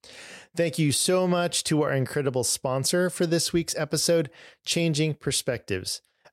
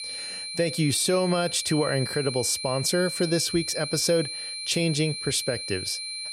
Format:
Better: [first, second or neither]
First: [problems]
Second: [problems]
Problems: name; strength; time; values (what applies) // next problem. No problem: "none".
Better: first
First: none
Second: high-pitched whine; loud; throughout; 4 kHz, 6 dB below the speech